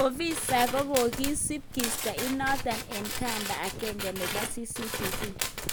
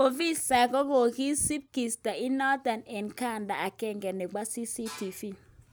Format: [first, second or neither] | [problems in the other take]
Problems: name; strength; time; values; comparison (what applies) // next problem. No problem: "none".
second | background sound (Walk, footsteps + Tools); 3 dB below the speech